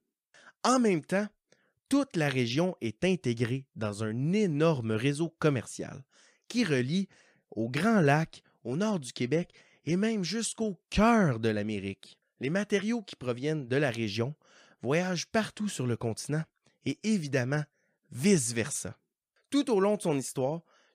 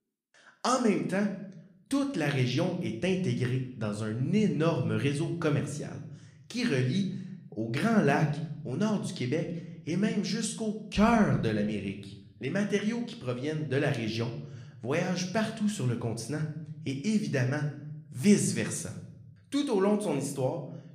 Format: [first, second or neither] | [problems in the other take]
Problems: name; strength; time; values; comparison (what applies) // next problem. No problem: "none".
first | room echo; slight; dies away in 0.7 s